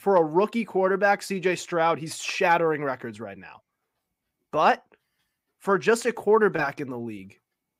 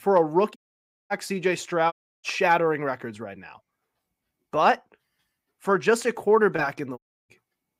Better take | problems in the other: first | audio cutting out; at 0.5 s for 0.5 s, at 2 s and at 7 s

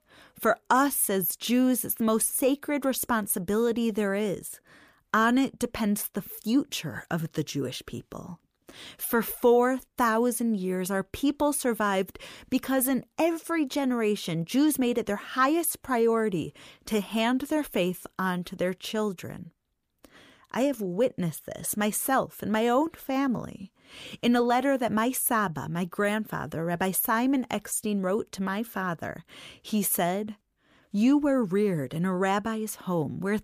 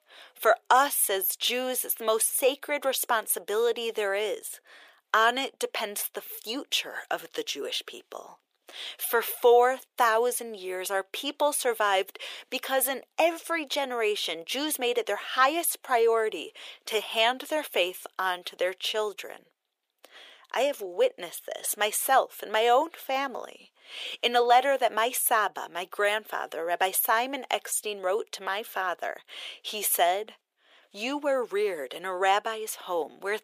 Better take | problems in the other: first | thin; very; fading below 450 Hz

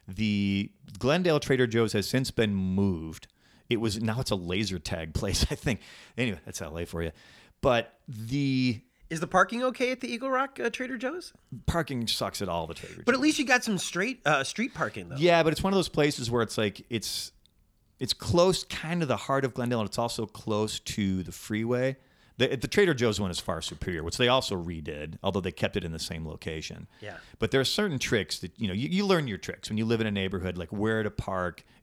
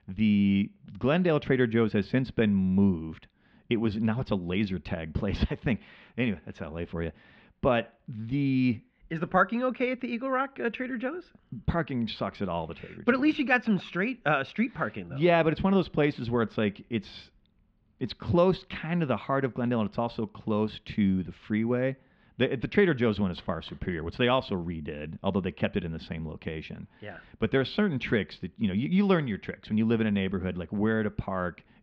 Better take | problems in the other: first | muffled; very; fading above 3 kHz

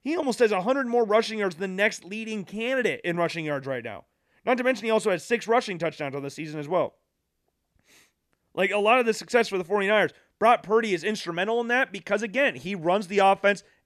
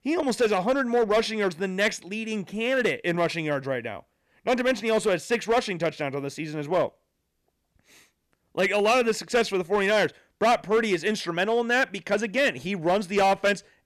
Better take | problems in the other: first | distortion; slight; 6% of the sound clipped

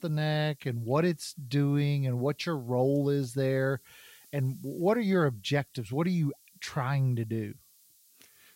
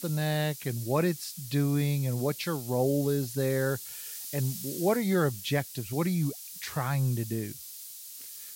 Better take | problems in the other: first | hiss; loud; throughout; 10 dB below the speech; faint in the first

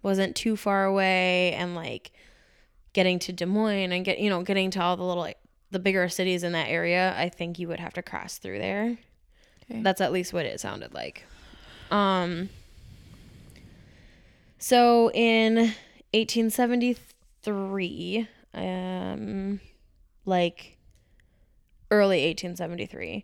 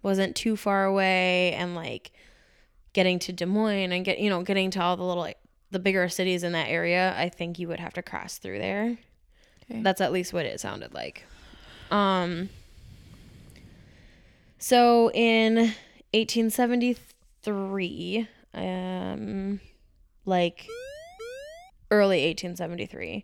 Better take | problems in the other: first | siren; faint; from 21 to 22 s; peak 15 dB below the speech

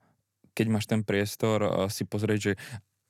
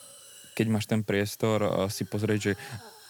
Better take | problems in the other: first | hiss; faint; throughout; 20 dB below the speech

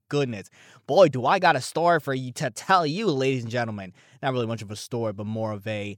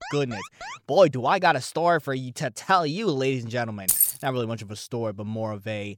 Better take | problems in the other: first | alarm; faint; at the start; peak 10 dB below the speech // jangling keys; loud; at 4 s; peak 5 dB above the speech

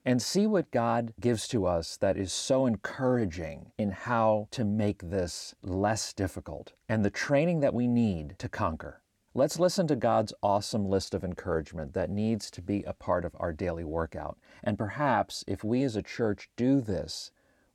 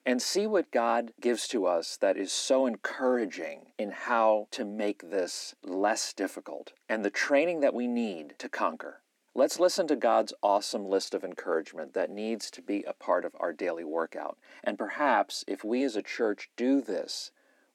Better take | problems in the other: first | thin; very slightly; fading below 250 Hz

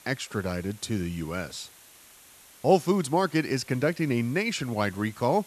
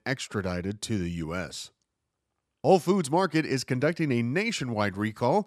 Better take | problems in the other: second | hiss; faint; throughout; 25 dB below the speech

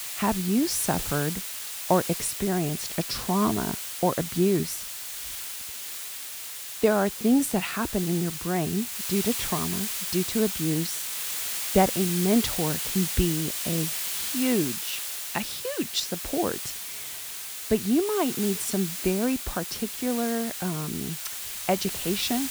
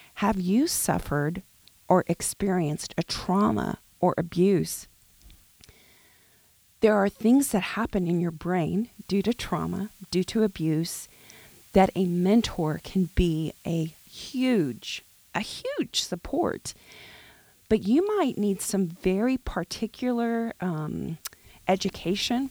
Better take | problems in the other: second | hiss; loud; throughout; 3 dB below the speech; faint in the second

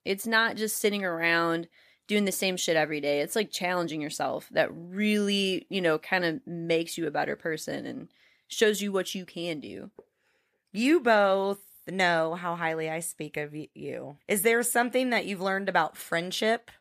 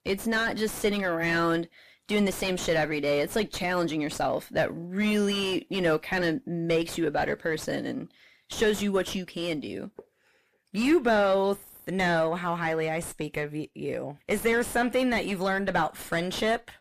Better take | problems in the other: first | distortion; heavy; 5 dB below the speech

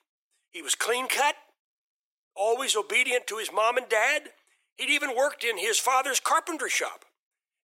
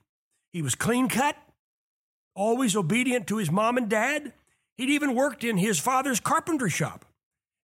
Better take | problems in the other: second | thin; very; fading below 400 Hz

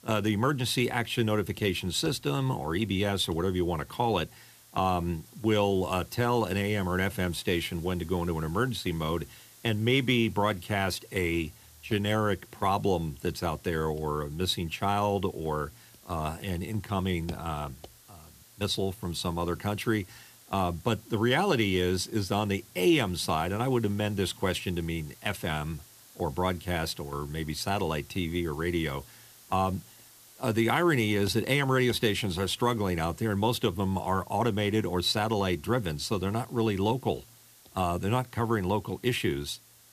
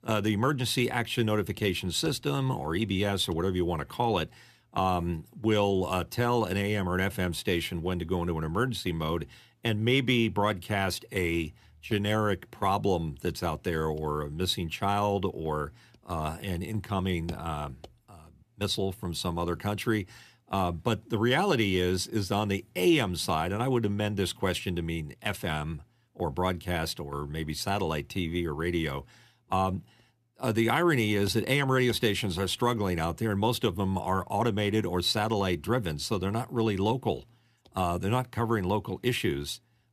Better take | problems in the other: second | hiss; faint; throughout; 25 dB below the speech

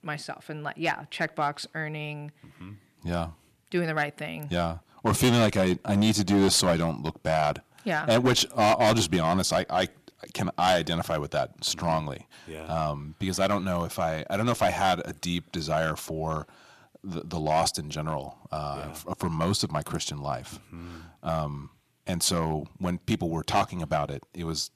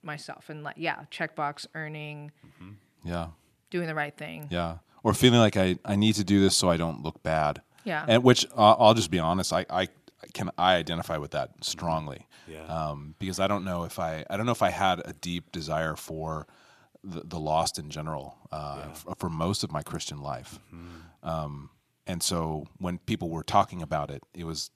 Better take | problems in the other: second | distortion; heavy; 4% of the sound clipped

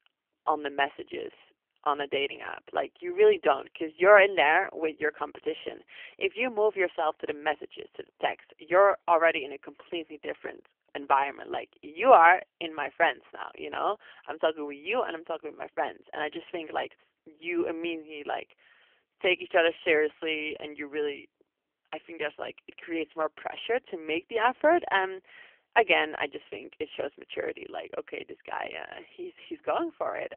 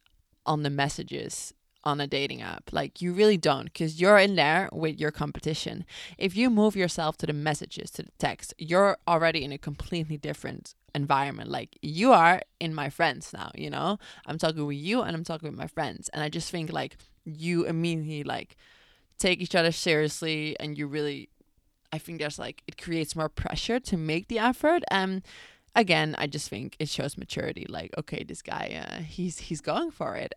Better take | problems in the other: second | phone-call audio; poor line; nothing above 3 kHz

